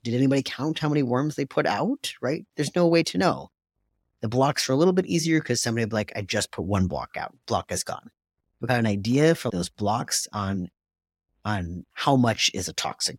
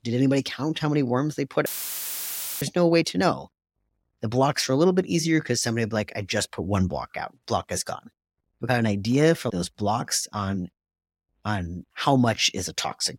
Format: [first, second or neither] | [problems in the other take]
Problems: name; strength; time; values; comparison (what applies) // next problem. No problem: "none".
first | audio cutting out; filled with static; at 1.5 s for 1 s